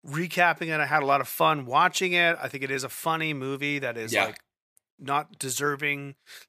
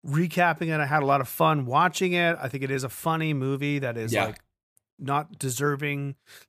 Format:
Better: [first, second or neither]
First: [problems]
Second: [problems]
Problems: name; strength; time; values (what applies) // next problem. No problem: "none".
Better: second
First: thin; very slightly; fading below 400 Hz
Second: none